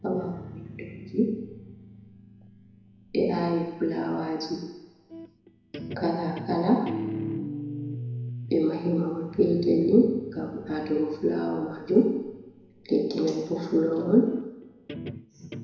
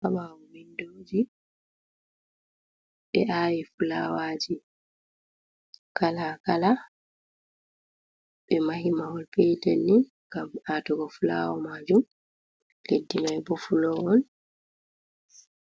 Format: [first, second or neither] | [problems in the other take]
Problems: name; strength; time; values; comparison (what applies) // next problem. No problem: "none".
second | background sound (Guitar); 12 dB below the speech // room echo; dies away in 0.9 s